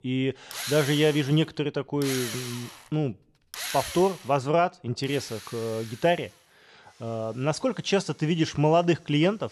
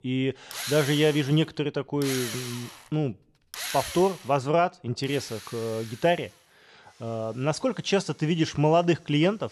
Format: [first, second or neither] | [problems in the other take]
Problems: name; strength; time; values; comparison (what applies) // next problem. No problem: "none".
neither | machinery noise; loud; throughout; 10 dB below the speech; the same in both